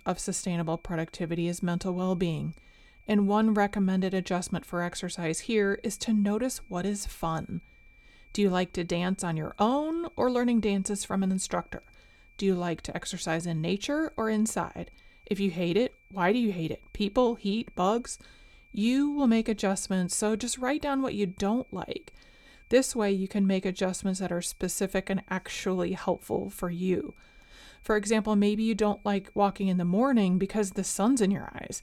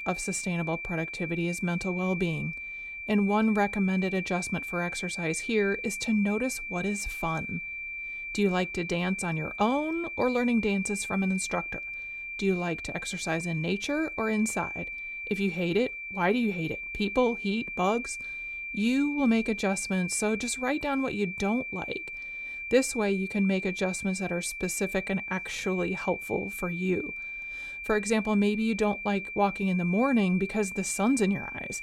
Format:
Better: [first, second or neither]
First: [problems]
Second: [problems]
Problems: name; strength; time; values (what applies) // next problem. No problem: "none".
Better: first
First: high-pitched whine; faint; throughout; 2.5 kHz, 30 dB below the speech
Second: high-pitched whine; loud; throughout; 2.5 kHz, 6 dB below the speech